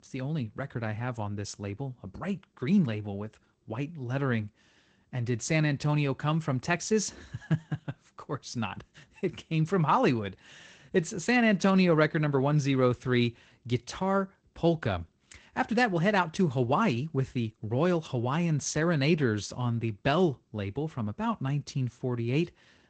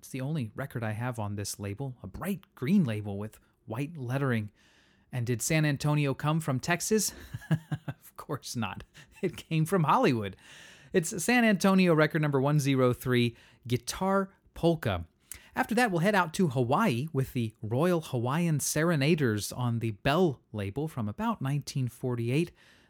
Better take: second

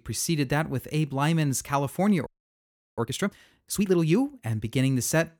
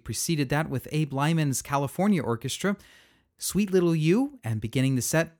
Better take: second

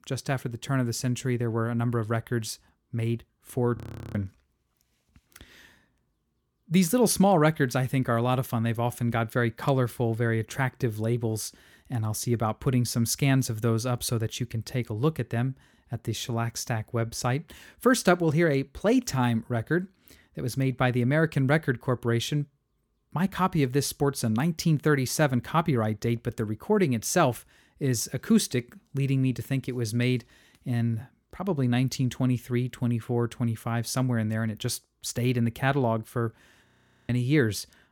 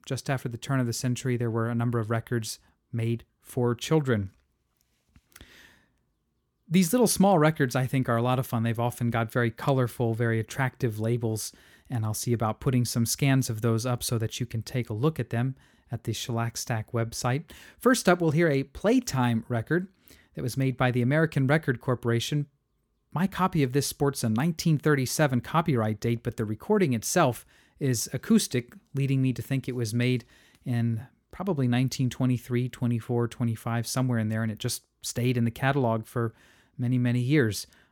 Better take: second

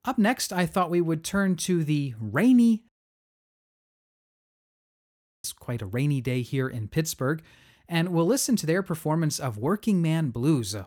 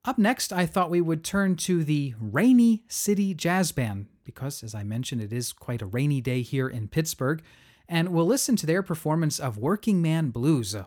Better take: second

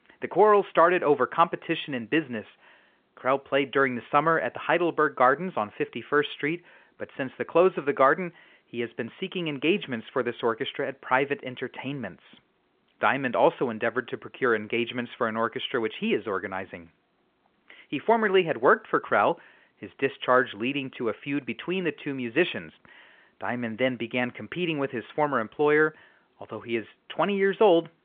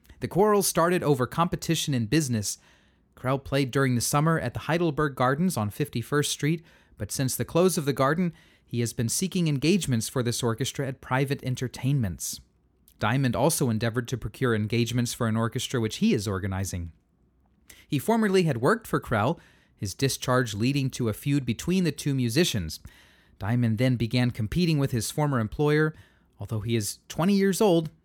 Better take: second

